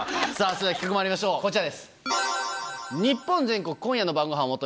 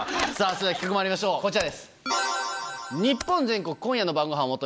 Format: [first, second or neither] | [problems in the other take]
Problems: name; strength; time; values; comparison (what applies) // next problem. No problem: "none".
first | background sound (Computer keyboard); 19 dB below the speech